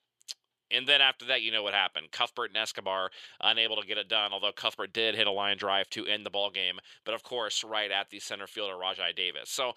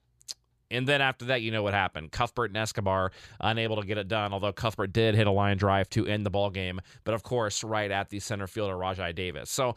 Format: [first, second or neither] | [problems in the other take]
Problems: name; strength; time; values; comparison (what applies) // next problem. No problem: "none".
second | thin; very; fading below 400 Hz